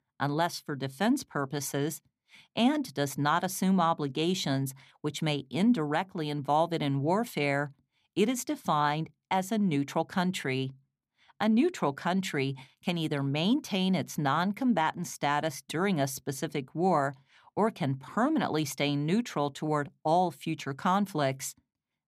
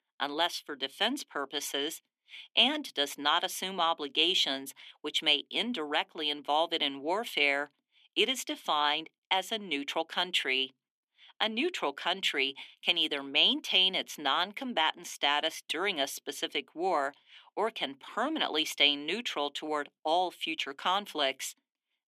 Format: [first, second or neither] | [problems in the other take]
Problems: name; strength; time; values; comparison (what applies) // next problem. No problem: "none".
first | thin; somewhat; fading below 300 Hz